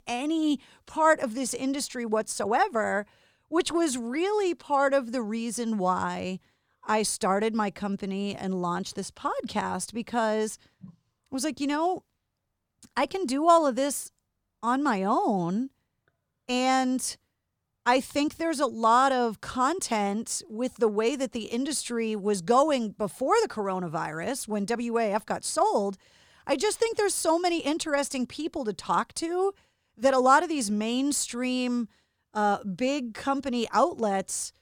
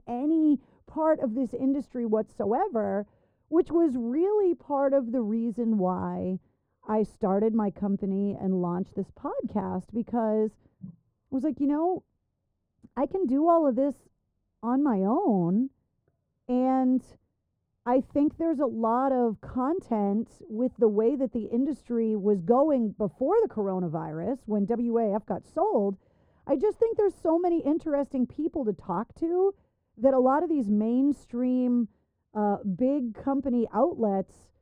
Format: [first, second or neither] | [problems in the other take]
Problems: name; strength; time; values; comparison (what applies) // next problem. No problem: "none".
first | muffled; very; fading above 1.5 kHz